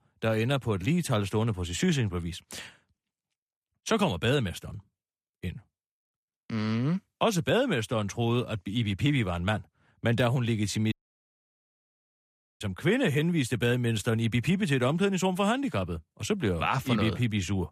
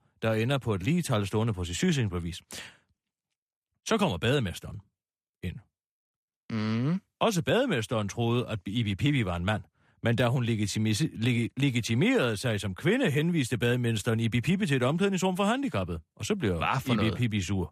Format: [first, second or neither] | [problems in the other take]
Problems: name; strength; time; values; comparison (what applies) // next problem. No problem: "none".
second | audio cutting out; at 11 s for 1.5 s